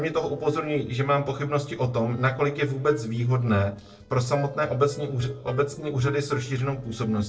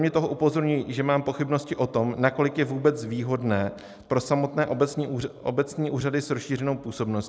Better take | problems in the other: second | noise reduction (neural separator model SepFormer DNS4)

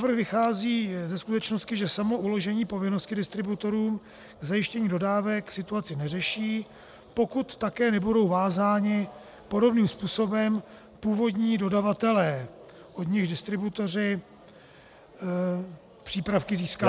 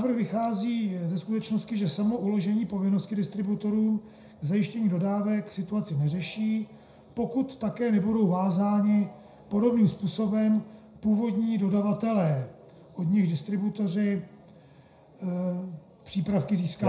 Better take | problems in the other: first | room echo; dies away in 0.5 s

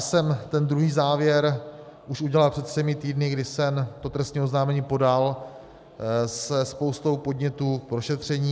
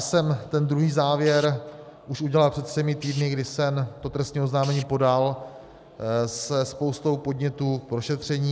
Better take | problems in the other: first | background sound (Tools); 19 dB below the speech

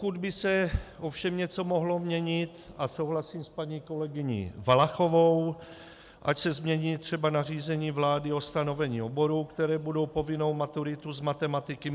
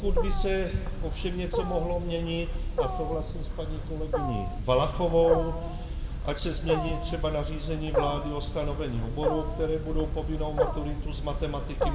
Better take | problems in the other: first | background sound (Wild animals); 1 dB above the speech // room echo; dies away in 1.3 s

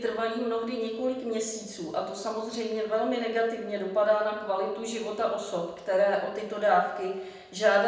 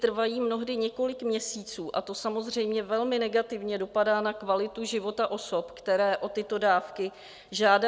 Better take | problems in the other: second | room echo; dies away in 0.8 s

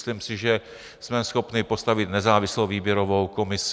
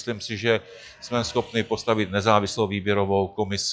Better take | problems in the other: first | noise reduction (classical method log-MMSE)

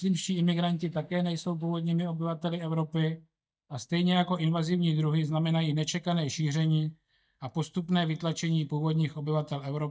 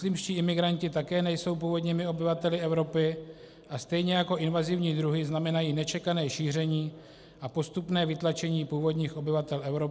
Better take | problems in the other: second | noise reduction (neural mask model DeepFilterNet 3)

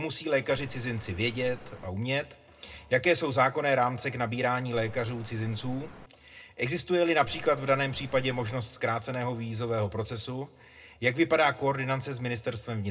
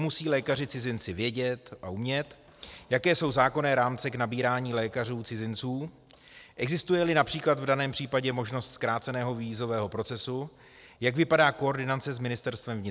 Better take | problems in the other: second | background sound (Cricket); 14 dB below the speech // room echo; dies away in 0.2 s

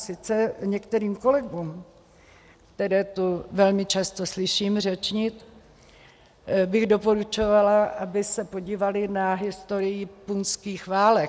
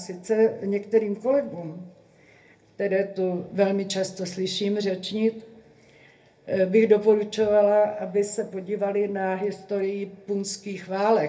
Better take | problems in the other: first | room echo; dies away in 0.3 s

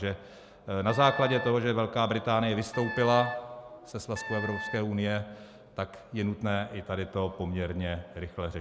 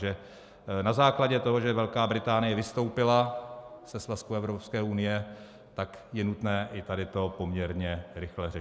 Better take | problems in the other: second | background sound (Wind instrument, woodwind instrument); 10 dB below the speech

